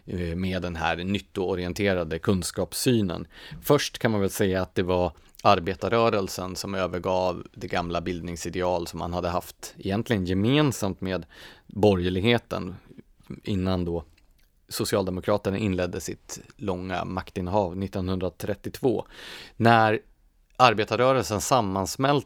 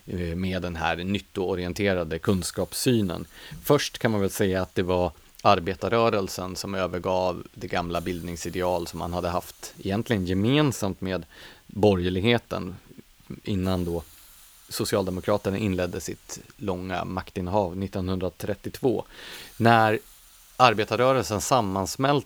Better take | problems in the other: first | hiss; faint; throughout; 25 dB below the speech

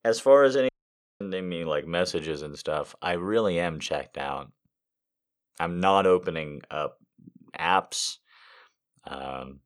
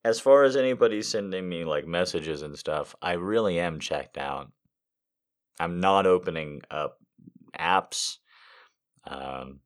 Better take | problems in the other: second | audio cutting out; at 0.5 s for 0.5 s

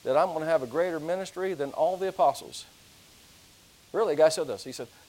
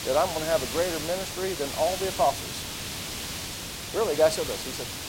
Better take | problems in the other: first | hiss; loud; throughout; 5 dB below the speech; faint in the first

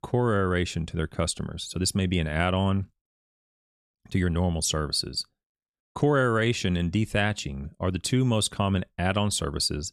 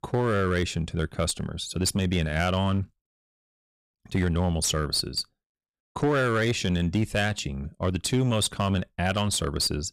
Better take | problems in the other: first | distortion; slight; 9% of the sound clipped

